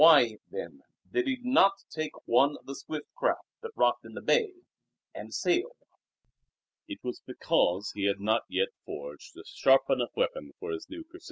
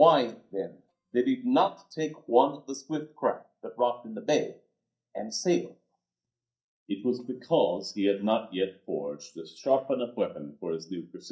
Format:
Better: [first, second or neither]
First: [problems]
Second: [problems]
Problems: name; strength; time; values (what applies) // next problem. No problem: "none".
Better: first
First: none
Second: noise reduction (neural mask model DeepFilterNet 3)